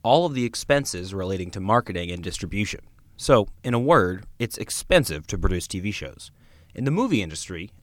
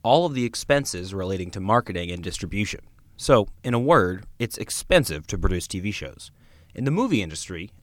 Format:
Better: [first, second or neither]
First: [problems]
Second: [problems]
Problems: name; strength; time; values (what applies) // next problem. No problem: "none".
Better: neither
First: none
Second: none